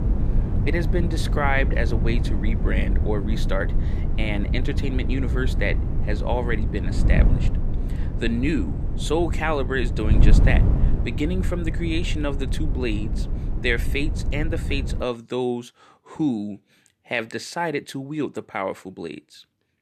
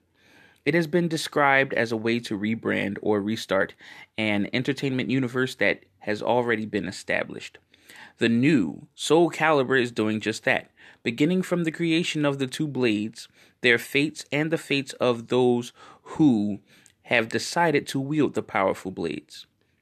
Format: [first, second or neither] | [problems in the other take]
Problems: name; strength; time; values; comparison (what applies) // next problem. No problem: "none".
second | wind noise on the microphone; heavy; until 15 s; 9 dB below the speech